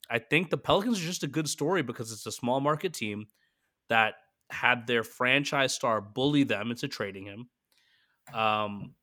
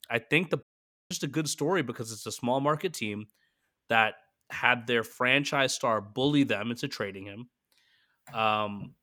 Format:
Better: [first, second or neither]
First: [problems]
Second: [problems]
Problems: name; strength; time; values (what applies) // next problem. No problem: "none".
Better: first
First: none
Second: audio cutting out; at 0.5 s